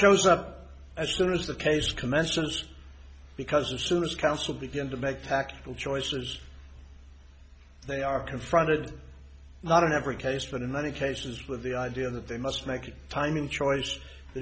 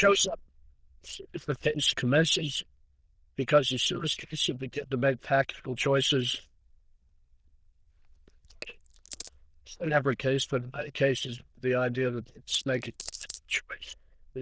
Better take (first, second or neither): first